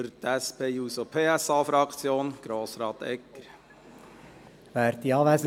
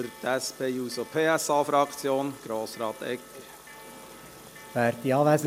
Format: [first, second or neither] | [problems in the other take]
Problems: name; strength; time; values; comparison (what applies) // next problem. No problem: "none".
first | background sound (Bell + Water tap, faucet); 20 dB below the speech